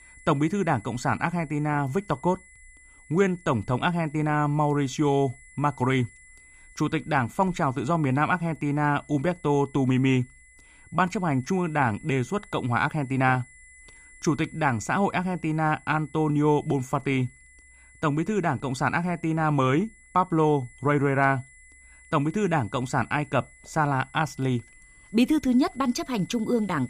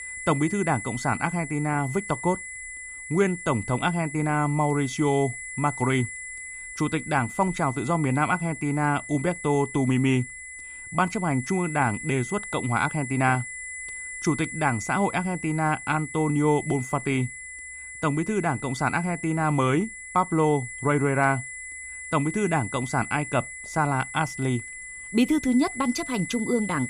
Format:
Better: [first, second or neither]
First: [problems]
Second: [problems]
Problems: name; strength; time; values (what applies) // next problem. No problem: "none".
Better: first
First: high-pitched whine; faint; throughout; 2 kHz, 25 dB below the speech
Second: high-pitched whine; loud; throughout; 2 kHz, 10 dB below the speech